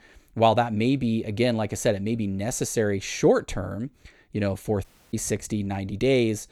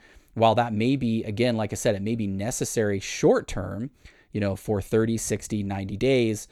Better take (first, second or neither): second